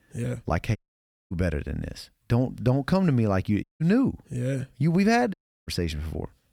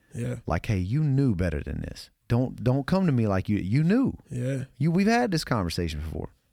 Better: second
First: audio cutting out; at 1 s for 0.5 s, at 3.5 s and at 5.5 s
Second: none

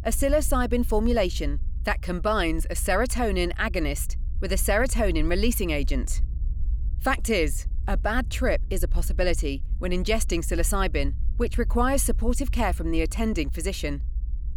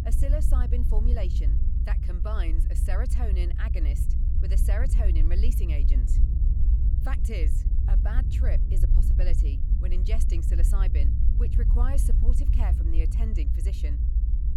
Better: first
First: low rumble; faint; throughout; 25 dB below the speech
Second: low rumble; loud; throughout; 4 dB below the speech

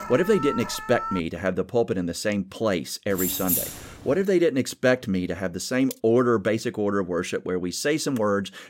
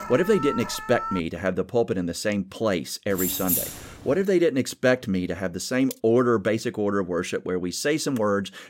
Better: neither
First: alarm; noticeable; until 1 s; peak 7 dB below the speech // jangling keys; loud; at 3 s; peak 1 dB above the speech // clattering dishes; very faint; at 6 s; peak 15 dB below the speech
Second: alarm; noticeable; until 1 s; peak 7 dB below the speech // jangling keys; loud; at 3 s; peak 1 dB above the speech // clattering dishes; very faint; at 6 s; peak 15 dB below the speech

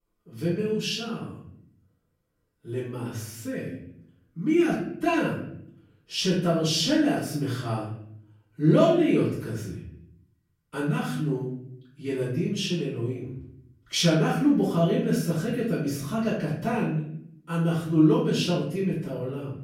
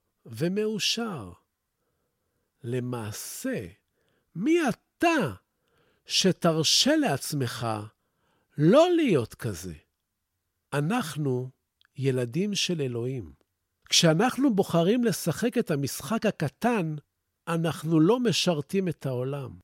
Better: second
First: room echo; noticeable; dies away in 0.8 s // off-mic speech; far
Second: none

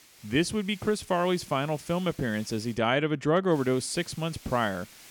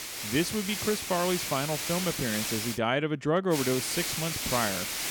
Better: first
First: hiss; faint; until 3 s and from 3.5 s on; 20 dB below the speech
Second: hiss; loud; until 3 s and from 3.5 s on; 2 dB below the speech

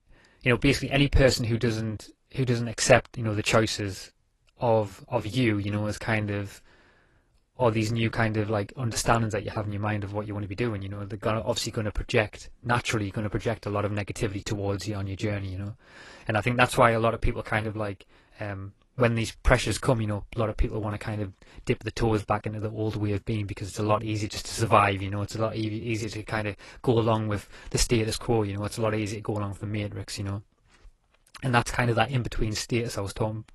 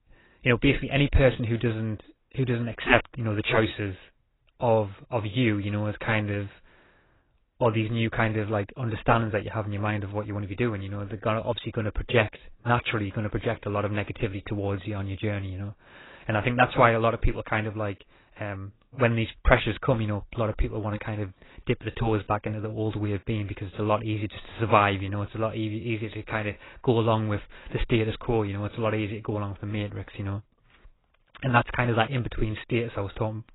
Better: first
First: garbled, watery; slightly; nothing above 11.5 kHz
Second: garbled, watery; badly; nothing above 4 kHz

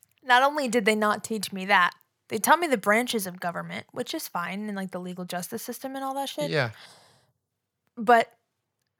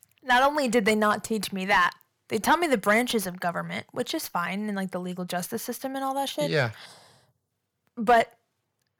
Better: first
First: none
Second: distortion; slight; 10 dB below the speech

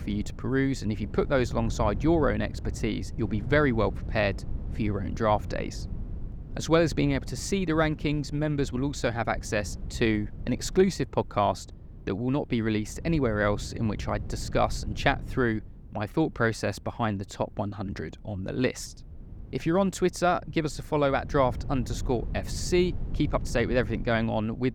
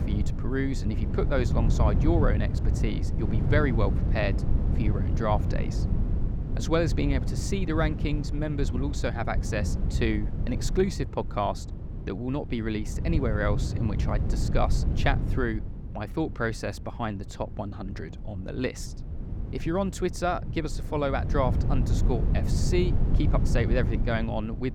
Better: first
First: low rumble; faint; throughout; 20 dB below the speech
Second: low rumble; loud; throughout; 9 dB below the speech

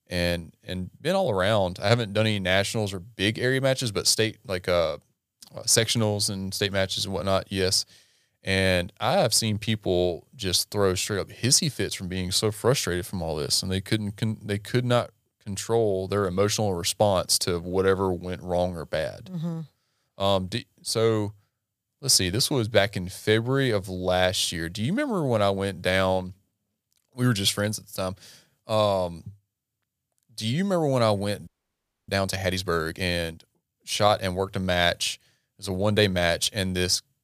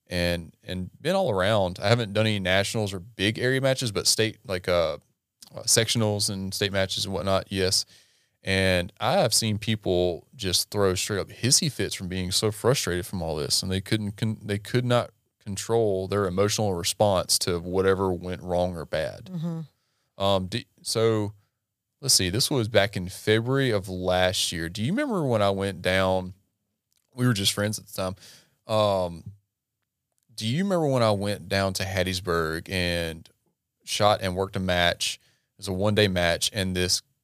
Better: second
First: audio freezing; at 31 s for 0.5 s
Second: none

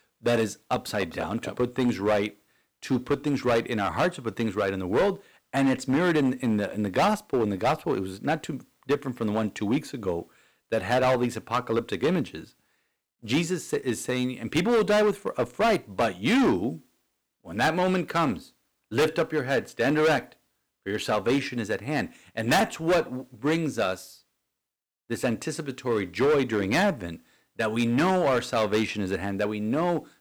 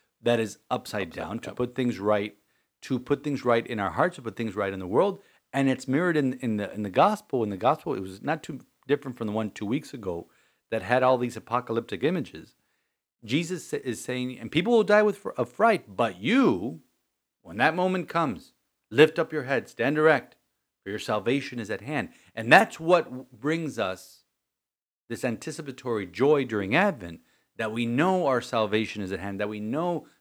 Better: second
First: distortion; heavy; 7% of the sound clipped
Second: none

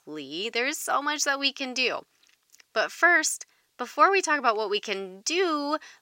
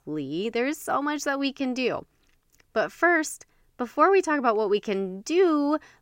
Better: second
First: thin; somewhat; fading below 950 Hz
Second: none

